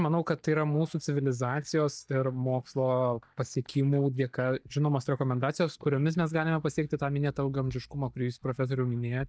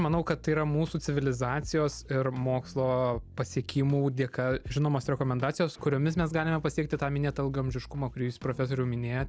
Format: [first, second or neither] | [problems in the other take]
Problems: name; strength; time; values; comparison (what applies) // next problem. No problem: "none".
second | noise reduction (neural mask model DeepFilterNet 3)